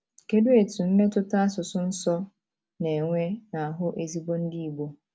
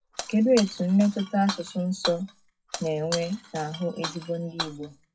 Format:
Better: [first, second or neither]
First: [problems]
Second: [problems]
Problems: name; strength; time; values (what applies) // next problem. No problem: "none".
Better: first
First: none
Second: noise reduction (classical method WPE with log-MMSE)